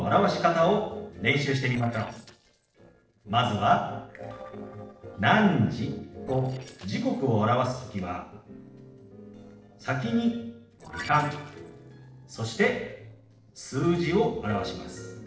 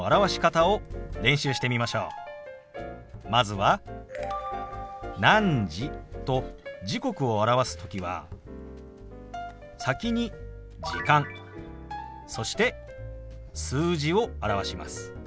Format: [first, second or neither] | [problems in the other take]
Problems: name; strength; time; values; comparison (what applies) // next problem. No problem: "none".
second | noise reduction (neural separator model SepFormer DNS4)